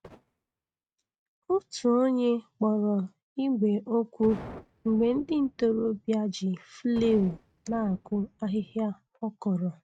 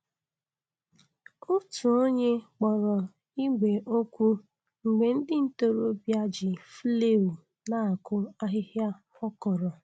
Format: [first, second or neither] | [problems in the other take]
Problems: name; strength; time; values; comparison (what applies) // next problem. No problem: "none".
second | noise reduction (neural mask model RNNoise)